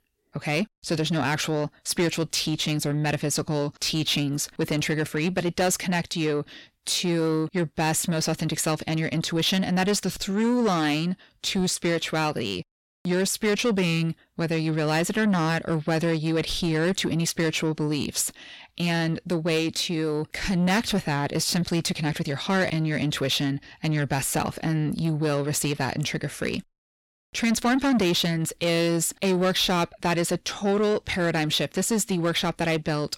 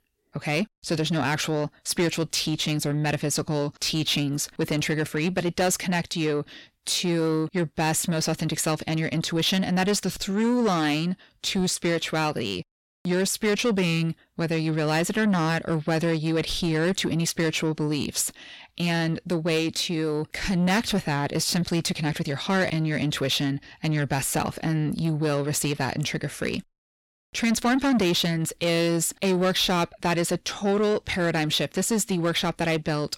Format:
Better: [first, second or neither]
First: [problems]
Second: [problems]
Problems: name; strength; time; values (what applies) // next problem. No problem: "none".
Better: neither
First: distortion; slight; 10 dB below the speech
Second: distortion; slight; 10 dB below the speech